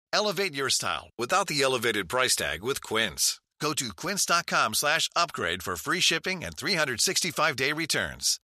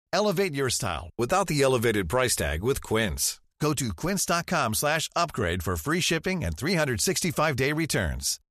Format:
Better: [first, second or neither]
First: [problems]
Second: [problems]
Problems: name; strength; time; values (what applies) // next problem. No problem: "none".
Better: second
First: thin; somewhat; fading below 600 Hz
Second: none